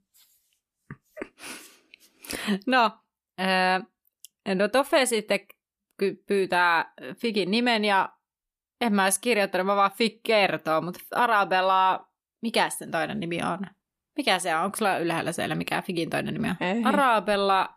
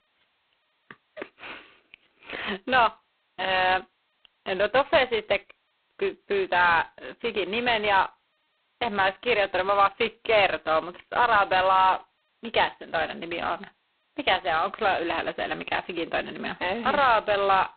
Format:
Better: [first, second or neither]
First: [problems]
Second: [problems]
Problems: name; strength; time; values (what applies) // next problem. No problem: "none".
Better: first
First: none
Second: phone-call audio; poor line; nothing above 4 kHz